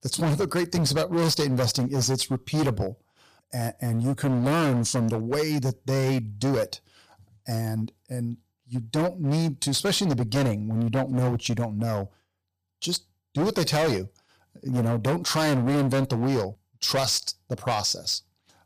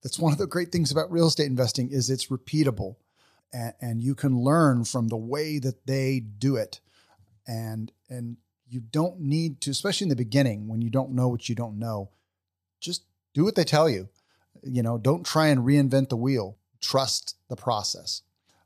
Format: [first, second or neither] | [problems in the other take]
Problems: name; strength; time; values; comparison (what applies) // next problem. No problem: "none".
second | distortion; heavy; 17% of the sound clipped